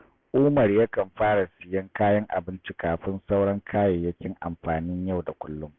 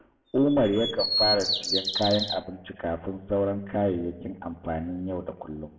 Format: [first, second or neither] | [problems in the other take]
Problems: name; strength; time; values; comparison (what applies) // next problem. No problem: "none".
first | background sound (Bird vocalization, bird call, bird song); 1 dB below the speech // room echo; dies away in 1.1 s